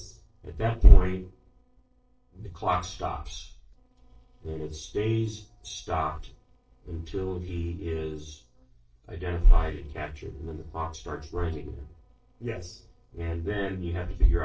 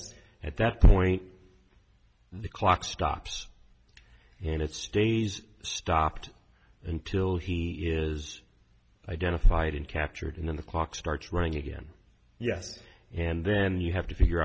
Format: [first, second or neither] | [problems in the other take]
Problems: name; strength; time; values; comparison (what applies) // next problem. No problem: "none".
second | noise reduction (neural separator model SepFormer DNS4)